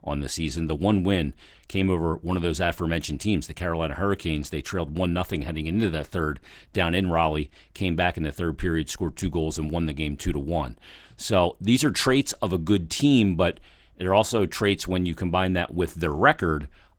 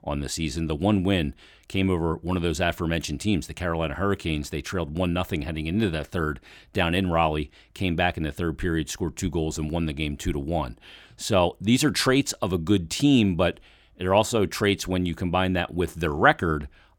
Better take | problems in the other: second | garbled, watery; slightly; nothing above 19.5 kHz

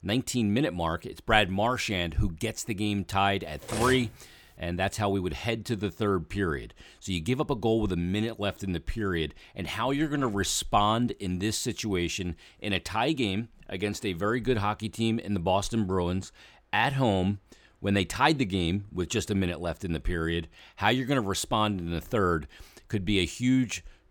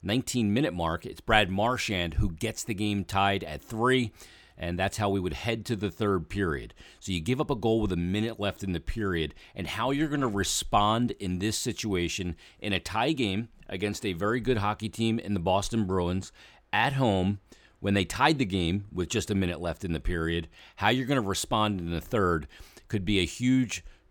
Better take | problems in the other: second | clattering dishes; noticeable; at 3.5 s; peak 4 dB below the speech

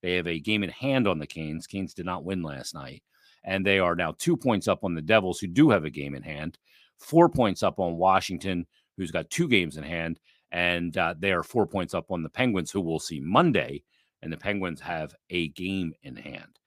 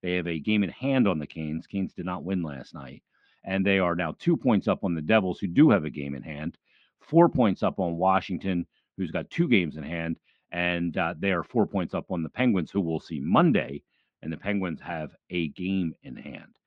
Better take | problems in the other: first | muffled; slightly; fading above 3 kHz

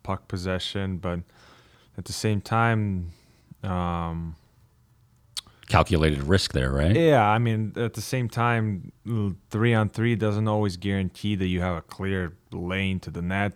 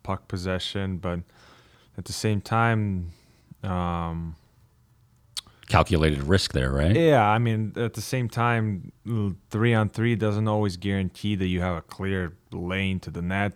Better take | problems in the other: neither | none

